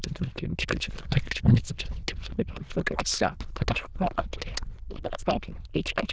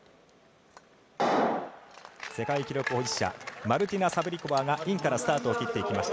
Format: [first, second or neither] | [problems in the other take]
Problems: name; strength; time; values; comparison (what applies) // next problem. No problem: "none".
second | noise reduction (neural diffusion model UNIVERSE++)